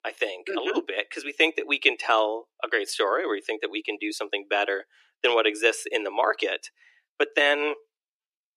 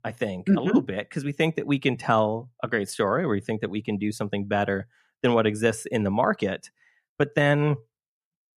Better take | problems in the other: second | thin; very; fading below 300 Hz

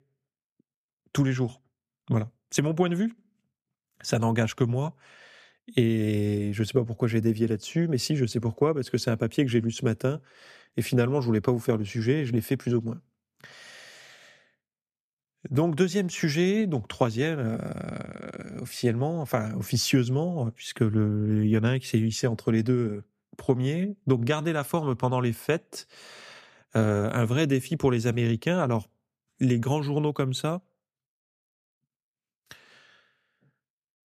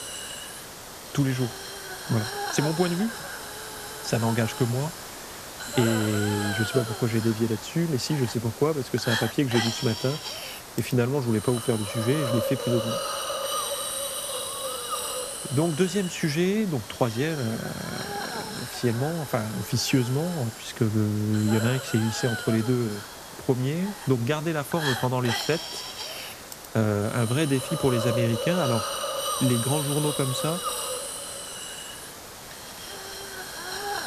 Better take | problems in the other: first | hiss; loud; throughout; 6 dB below the speech

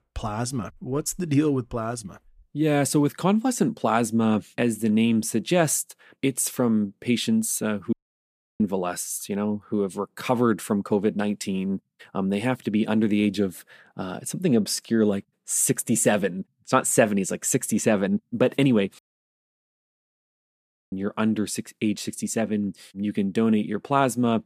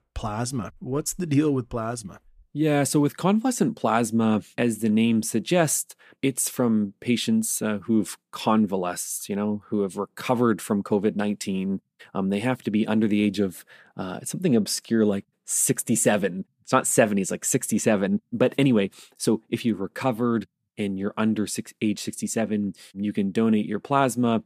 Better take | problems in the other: second | audio cutting out; at 8 s for 0.5 s and at 19 s for 2 s

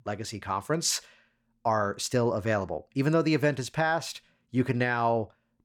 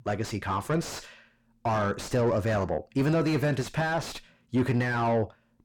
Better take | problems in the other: first | distortion; heavy; 5 dB below the speech

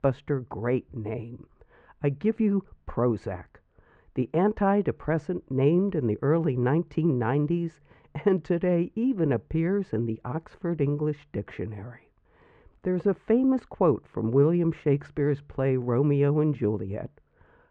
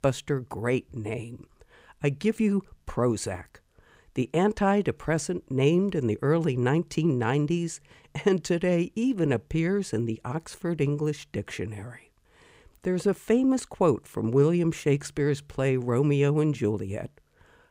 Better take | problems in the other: second | muffled; very; fading above 1.5 kHz

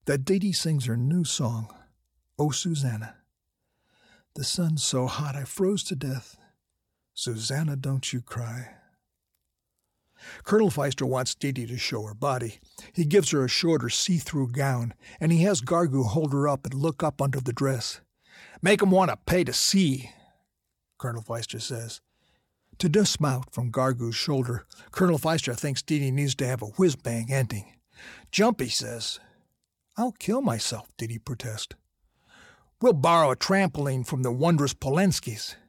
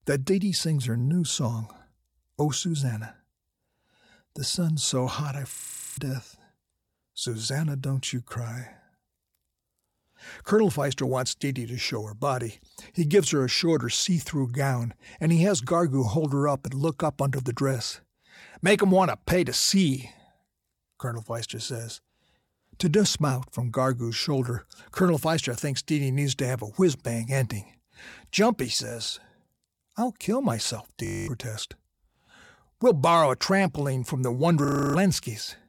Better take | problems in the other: first | audio freezing; at 5.5 s, at 31 s and at 35 s

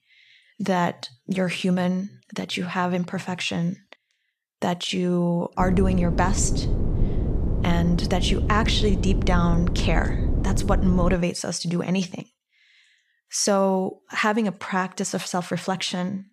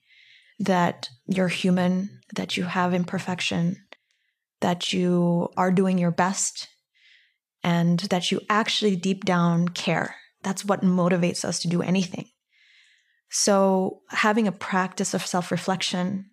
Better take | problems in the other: second | wind noise on the microphone; heavy; from 5.5 to 11 s; 9 dB below the speech

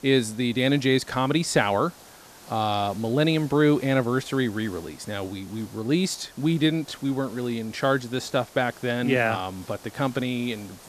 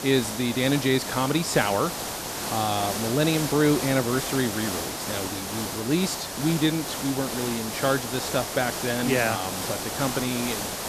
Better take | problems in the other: first | hiss; loud; throughout; 4 dB below the speech; faint in the first

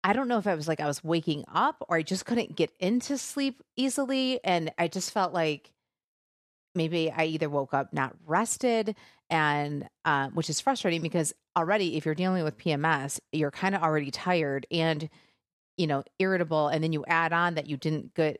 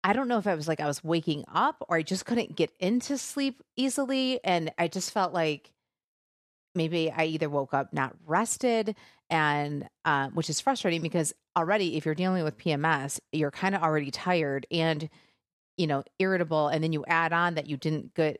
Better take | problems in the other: neither | none

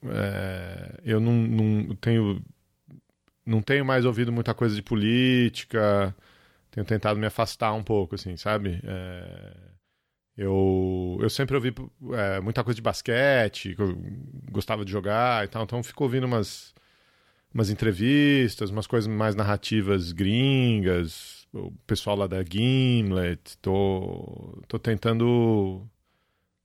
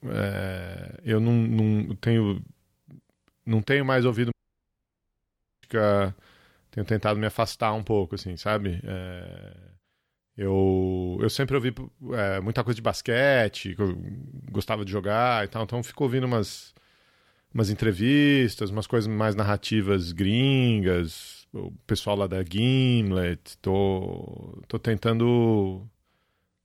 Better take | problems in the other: first | audio cutting out; at 4.5 s for 1.5 s

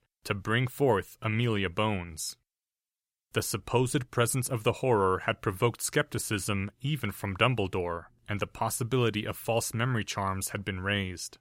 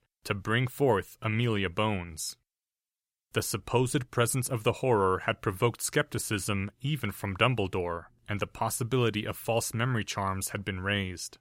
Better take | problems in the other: neither | none

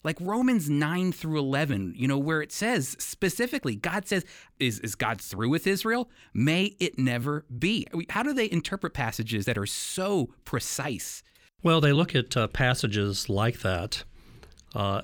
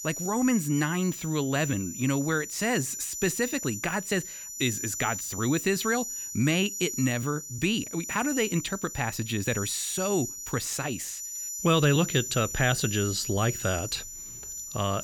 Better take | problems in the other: first | high-pitched whine; loud; throughout; 7 kHz, 6 dB below the speech

